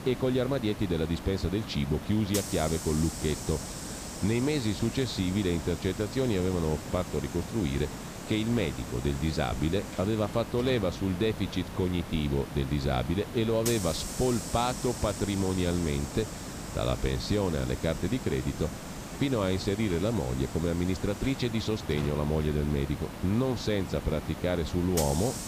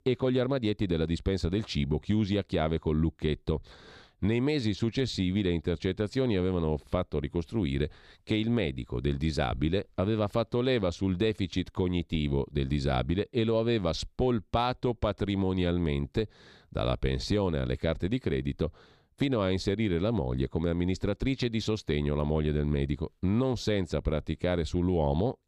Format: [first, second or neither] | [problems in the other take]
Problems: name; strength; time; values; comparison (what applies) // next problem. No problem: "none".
second | hiss; loud; throughout; 8 dB below the speech